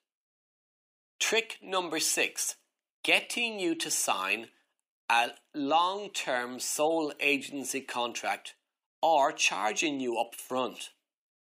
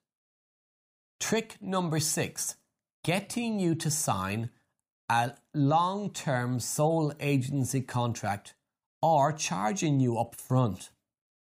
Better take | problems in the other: second | thin; somewhat; fading below 350 Hz

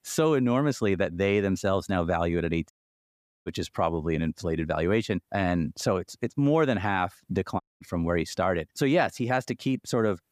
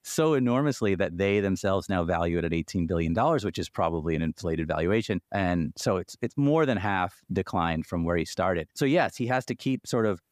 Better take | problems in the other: second | audio cutting out; at 2.5 s for 1 s and at 7.5 s

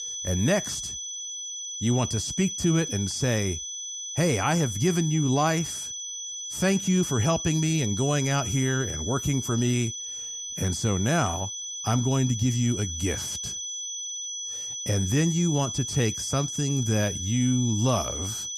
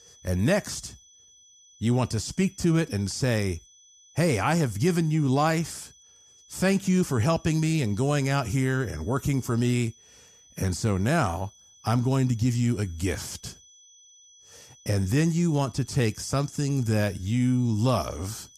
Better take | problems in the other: second | high-pitched whine; loud; throughout; 6 kHz, 5 dB below the speech; faint in the second

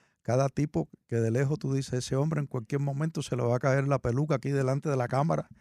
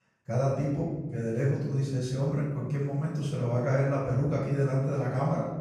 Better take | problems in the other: first | room echo; noticeable; dies away in 1.2 s // off-mic speech; far

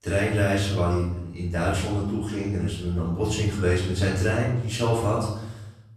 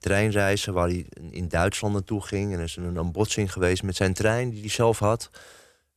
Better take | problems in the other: second | room echo; noticeable; dies away in 0.9 s // off-mic speech; far

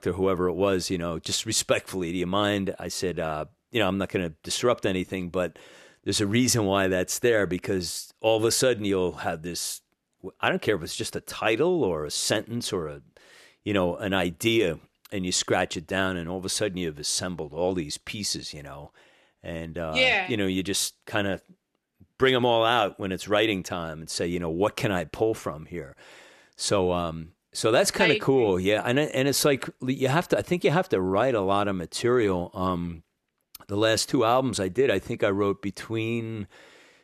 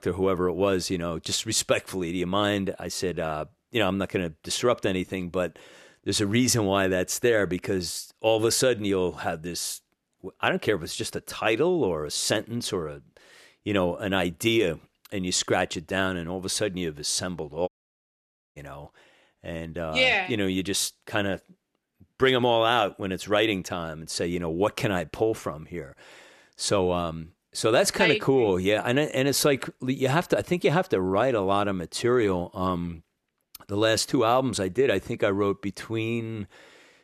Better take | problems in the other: first | audio cutting out; at 18 s for 1 s

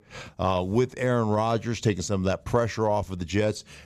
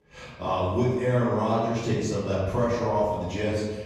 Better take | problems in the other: first | off-mic speech; far // room echo; noticeable; dies away in 1.2 s

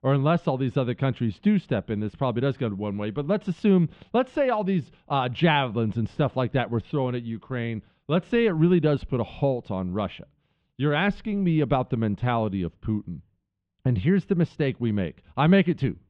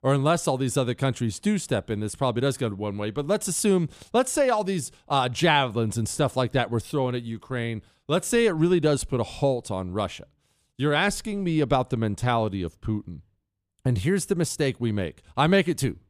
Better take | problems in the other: second | muffled; very; fading above 3 kHz

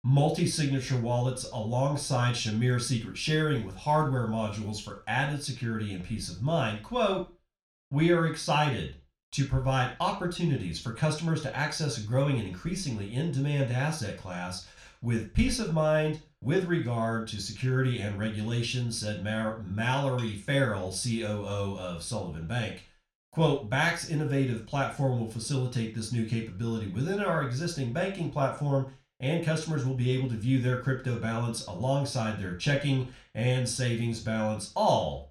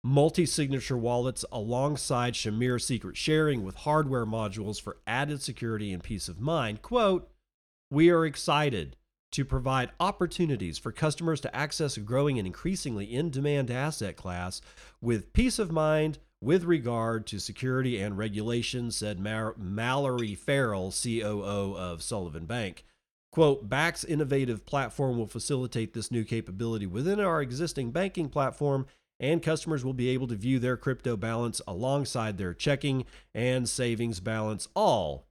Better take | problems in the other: second | room echo; slight; dies away in 0.3 s // off-mic speech; somewhat distant

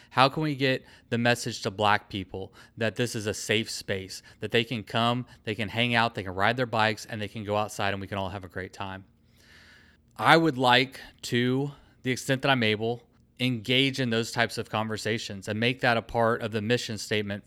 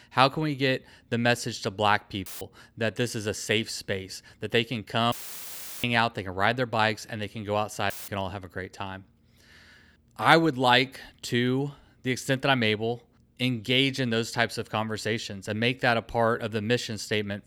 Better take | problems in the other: first | audio cutting out; filled with static; at 2.5 s, at 5 s for 0.5 s and at 8 s

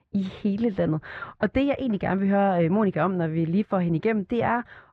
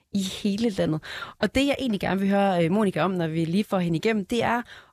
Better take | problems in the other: second | muffled; very; fading above 1.5 kHz

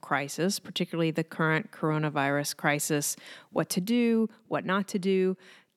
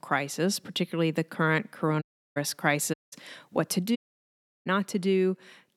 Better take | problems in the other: first | audio cutting out; at 2 s, at 3 s and at 4 s for 0.5 s

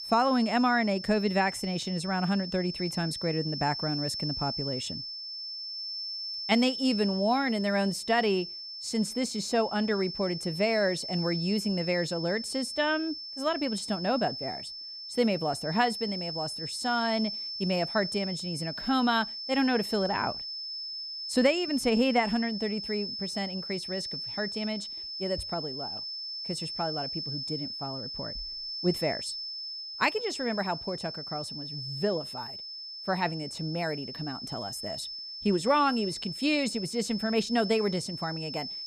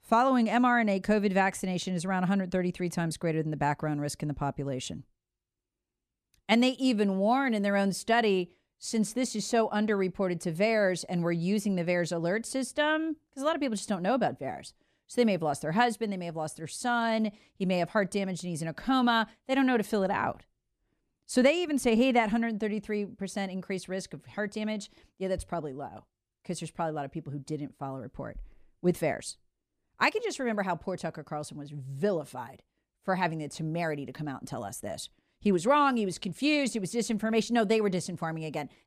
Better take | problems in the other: second | high-pitched whine; loud; throughout; 5.5 kHz, 6 dB below the speech

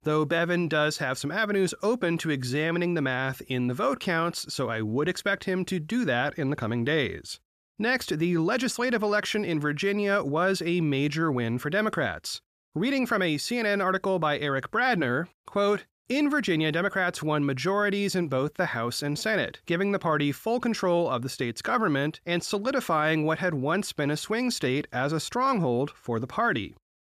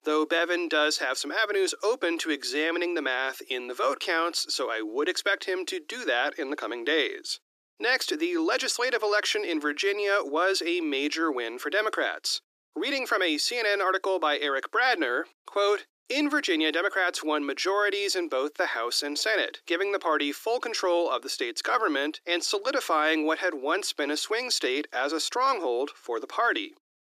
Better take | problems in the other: first | thin; somewhat; fading below 300 Hz

